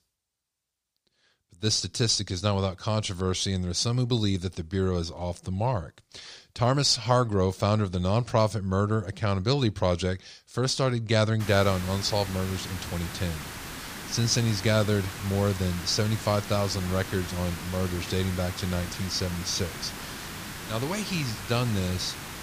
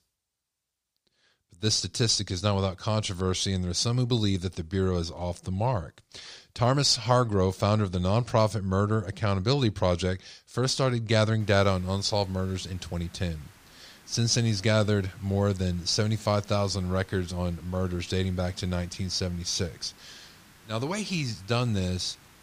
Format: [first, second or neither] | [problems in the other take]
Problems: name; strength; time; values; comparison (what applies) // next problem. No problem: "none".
second | hiss; loud; from 11 s on; 10 dB below the speech; faint in the second